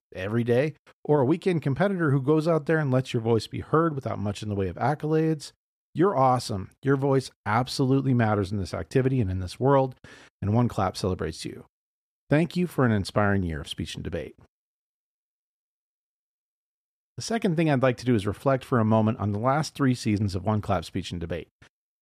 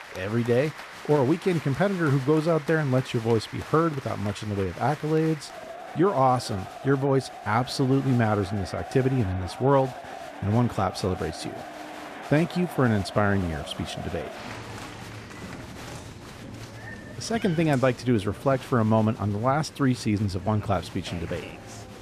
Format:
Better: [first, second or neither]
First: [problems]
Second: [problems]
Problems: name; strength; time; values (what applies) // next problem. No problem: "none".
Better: first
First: none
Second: crowd noise; noticeable; throughout; 15 dB below the speech